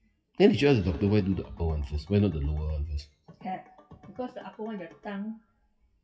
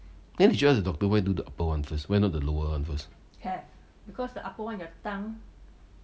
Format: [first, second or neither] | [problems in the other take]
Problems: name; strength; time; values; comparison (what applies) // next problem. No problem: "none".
second | noise reduction (classical method WPE with log-MMSE)